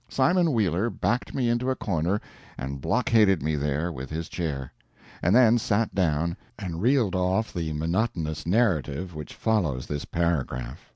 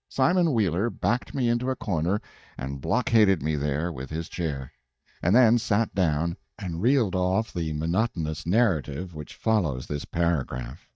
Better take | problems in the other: first | noise reduction (neural mask model DeepFilterNet 3)

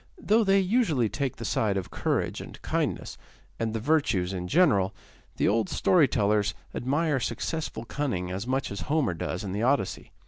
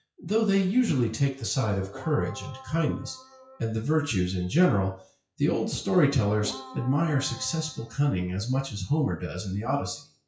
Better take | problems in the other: first | noise reduction (classical method WPE with log-MMSE)

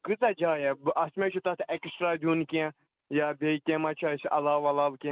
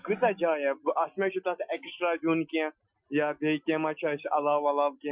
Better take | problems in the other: first | noise reduction (classical method Wiener filter)

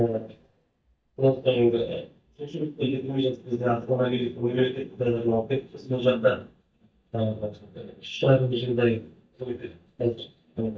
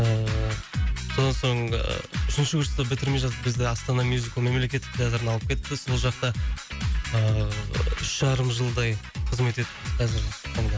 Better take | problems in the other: second | noise reduction (neural mask model DeepFilterNet 3)

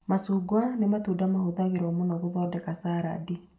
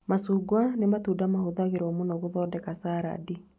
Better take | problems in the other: second | room echo; dies away in 0.4 s

